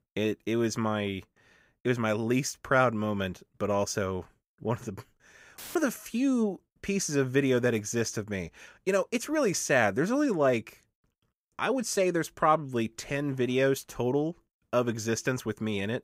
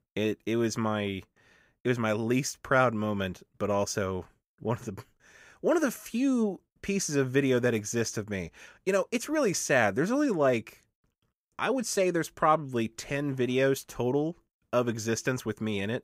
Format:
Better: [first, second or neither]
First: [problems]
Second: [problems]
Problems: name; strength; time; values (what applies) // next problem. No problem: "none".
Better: second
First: audio cutting out; filled with static; at 5.5 s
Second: none